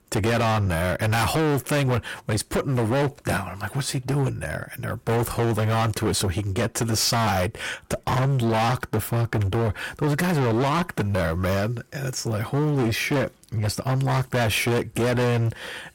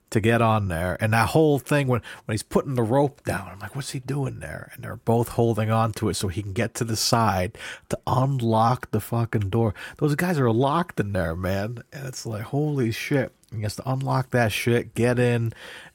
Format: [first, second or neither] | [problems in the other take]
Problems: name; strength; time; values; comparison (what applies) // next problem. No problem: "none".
second | distortion; heavy; 26% of the sound clipped